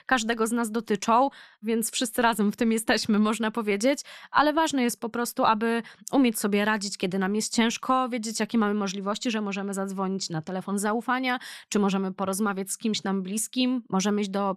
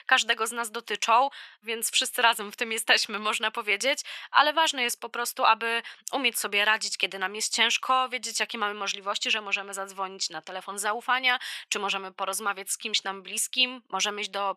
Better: first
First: none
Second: thin; very; fading below 700 Hz

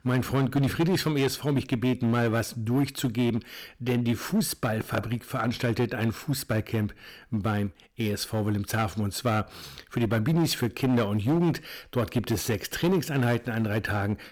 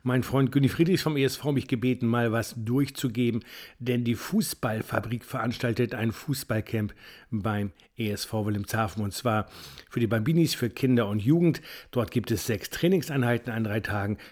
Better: second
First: distortion; slight; 8% of the sound clipped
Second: none

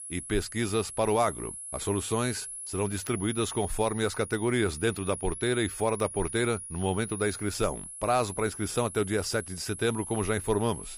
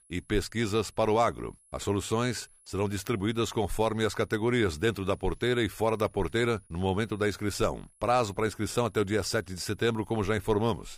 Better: second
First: high-pitched whine; loud; throughout; 10.5 kHz, 9 dB below the speech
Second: high-pitched whine; faint; throughout; 10.5 kHz, 30 dB below the speech

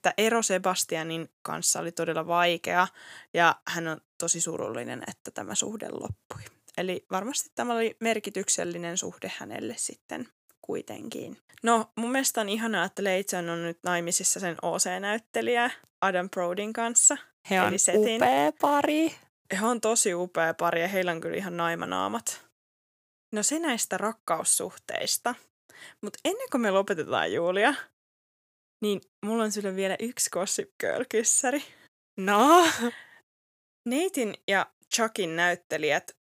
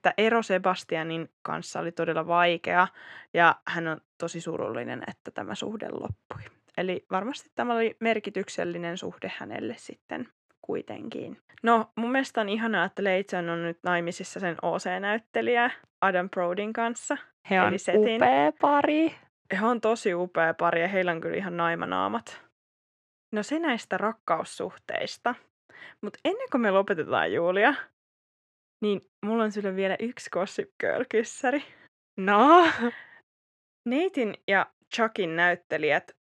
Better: first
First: none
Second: muffled; very; fading above 2.5 kHz

